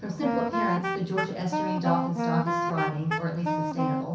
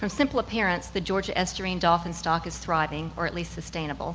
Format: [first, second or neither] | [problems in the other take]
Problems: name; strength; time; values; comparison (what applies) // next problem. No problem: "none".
second | background sound (Wind instrument, woodwind instrument); as loud as the speech // room echo; dies away in 0.6 s